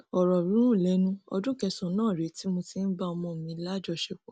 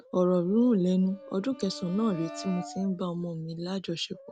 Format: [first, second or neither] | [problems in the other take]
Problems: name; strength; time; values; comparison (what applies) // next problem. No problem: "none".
first | background sound (Brass instrument + Bowed string instrument); 18 dB below the speech